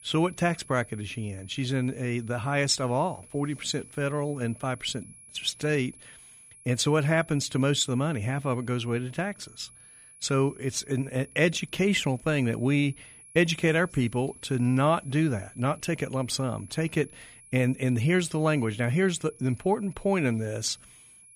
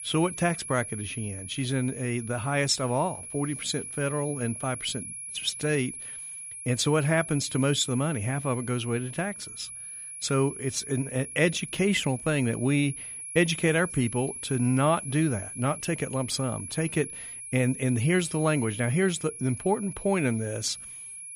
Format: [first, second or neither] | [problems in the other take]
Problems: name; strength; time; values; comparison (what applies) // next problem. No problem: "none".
first | high-pitched whine; loud; throughout; 10.5 kHz, 9 dB below the speech; faint in the first